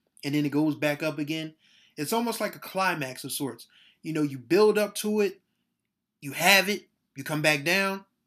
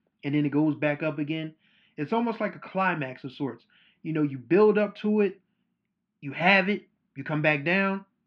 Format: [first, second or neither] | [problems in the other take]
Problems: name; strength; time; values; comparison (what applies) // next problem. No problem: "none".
first | muffled; very; fading above 2.5 kHz